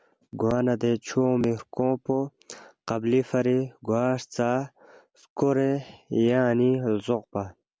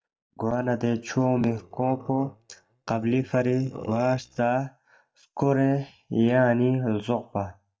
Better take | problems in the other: first | noise reduction (neural mask model DeepFilterNet 3)

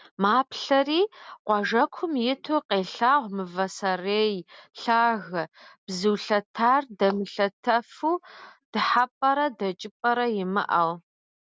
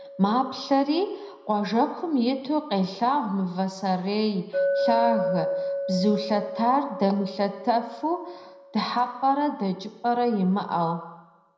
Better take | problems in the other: first | background sound (Chink, clink); 8 dB below the speech // room echo; dies away in 0.8 s

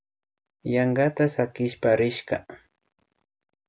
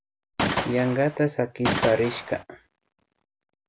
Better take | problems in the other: first | background sound (Gunshot, gunfire); 1 dB below the speech

